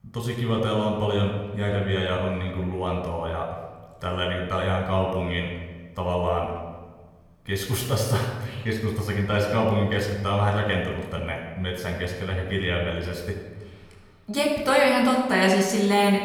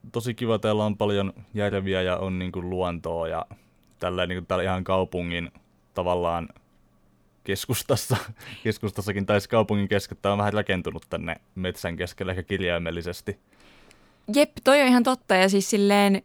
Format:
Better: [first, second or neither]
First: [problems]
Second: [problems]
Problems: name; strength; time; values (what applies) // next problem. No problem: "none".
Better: second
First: off-mic speech; somewhat distant // room echo; noticeable; dies away in 1.1 s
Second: none